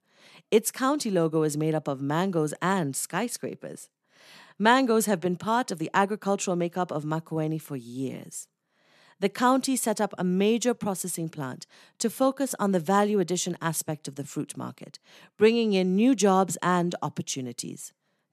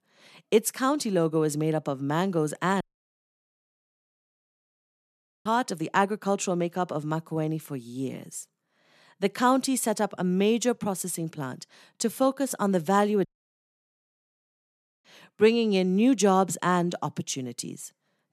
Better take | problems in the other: first | audio cutting out; at 3 s for 2.5 s and at 13 s for 2 s

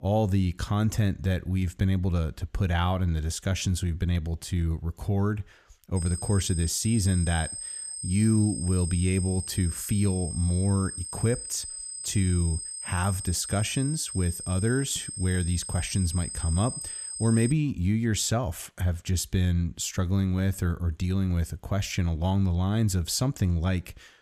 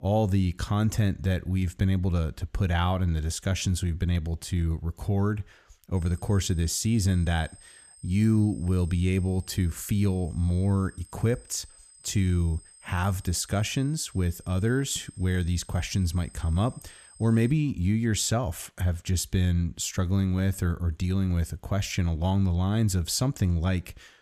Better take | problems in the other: second | high-pitched whine; loud; from 6 to 18 s; 8.5 kHz, 7 dB below the speech; faint in the second

